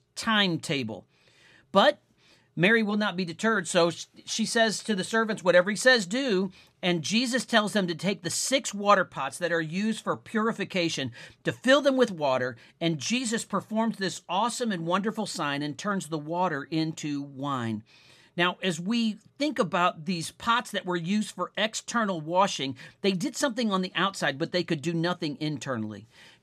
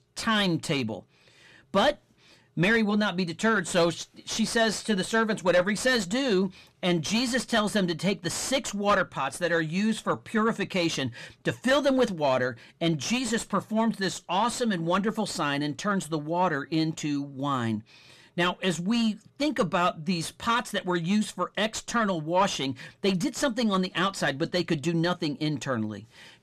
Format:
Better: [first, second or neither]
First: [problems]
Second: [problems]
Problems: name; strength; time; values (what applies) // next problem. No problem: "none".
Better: first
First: none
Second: distortion; slight; 10 dB below the speech